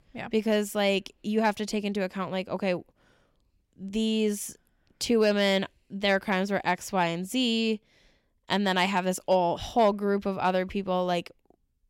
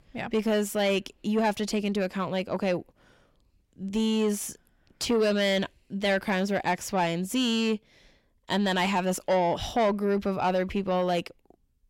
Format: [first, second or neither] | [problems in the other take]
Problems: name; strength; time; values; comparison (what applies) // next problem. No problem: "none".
first | distortion; slight; 10 dB below the speech